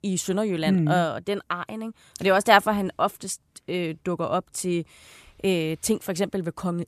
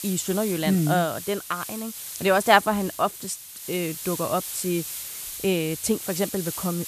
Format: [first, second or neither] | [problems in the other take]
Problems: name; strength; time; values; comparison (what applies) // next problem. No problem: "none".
first | hiss; loud; throughout; 8 dB below the speech